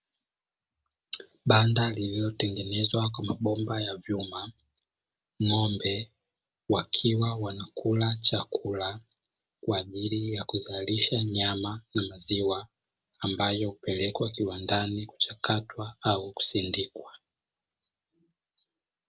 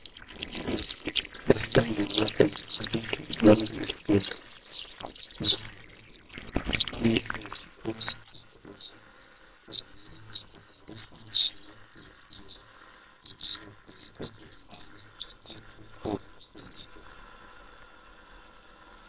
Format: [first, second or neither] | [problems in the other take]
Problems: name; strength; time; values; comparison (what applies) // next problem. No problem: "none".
first | noise reduction (neural separator model SepFormer WHAMR!)